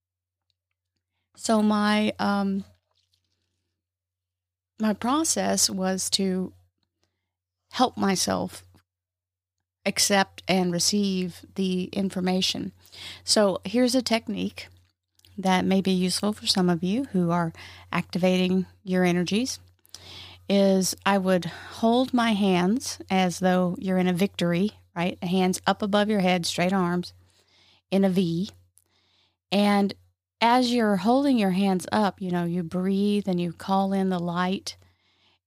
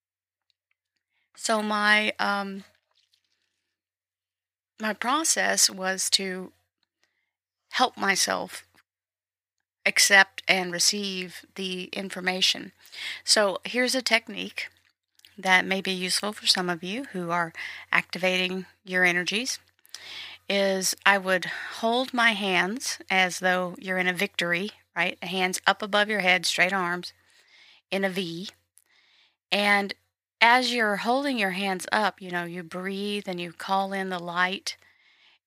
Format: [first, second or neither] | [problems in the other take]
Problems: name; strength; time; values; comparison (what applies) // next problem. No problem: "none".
first | thin; somewhat; fading below 700 Hz